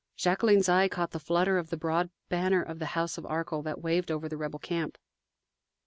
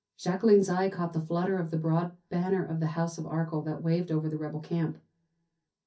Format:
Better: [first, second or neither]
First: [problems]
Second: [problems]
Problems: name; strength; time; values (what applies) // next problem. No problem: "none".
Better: first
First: none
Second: room echo; dies away in 0.3 s